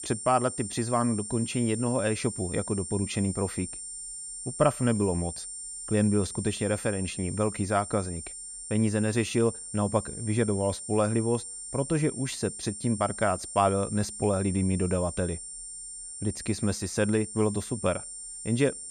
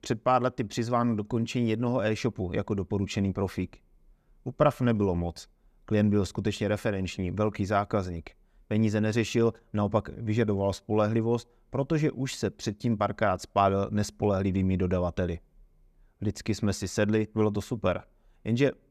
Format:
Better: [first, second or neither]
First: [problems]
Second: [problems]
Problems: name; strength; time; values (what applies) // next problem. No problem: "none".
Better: second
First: high-pitched whine; loud; throughout; 9 kHz, 8 dB below the speech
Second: none